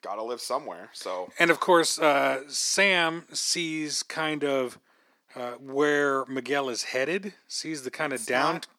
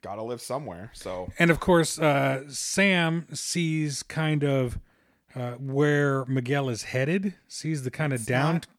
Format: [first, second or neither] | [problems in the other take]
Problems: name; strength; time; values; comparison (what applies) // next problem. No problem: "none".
second | thin; somewhat; fading below 300 Hz